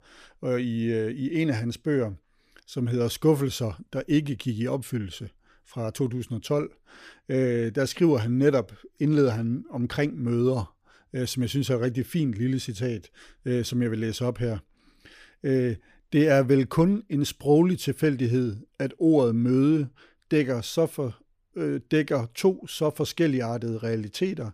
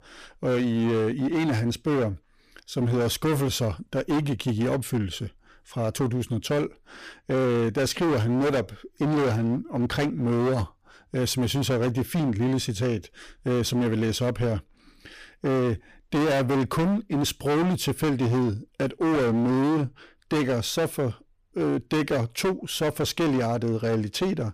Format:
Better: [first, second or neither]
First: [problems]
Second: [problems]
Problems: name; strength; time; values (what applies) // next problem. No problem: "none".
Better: first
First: none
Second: distortion; heavy; 24% of the sound clipped